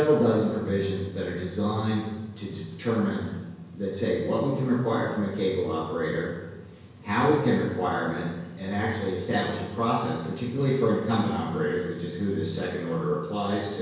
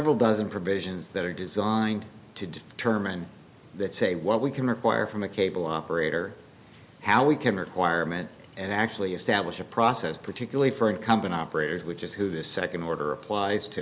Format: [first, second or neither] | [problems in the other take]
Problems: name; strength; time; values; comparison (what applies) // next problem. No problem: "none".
second | room echo; dies away in 1 s